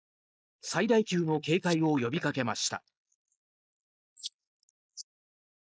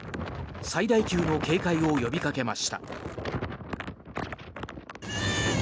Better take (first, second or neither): second